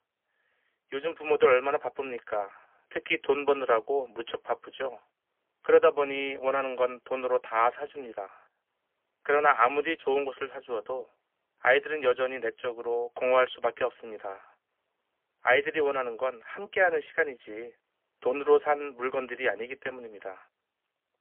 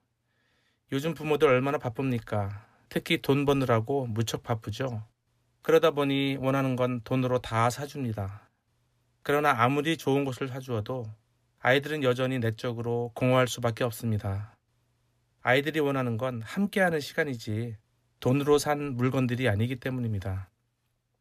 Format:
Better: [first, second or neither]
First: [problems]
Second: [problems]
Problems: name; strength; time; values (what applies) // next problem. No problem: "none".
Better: second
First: phone-call audio; poor line; nothing above 3 kHz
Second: none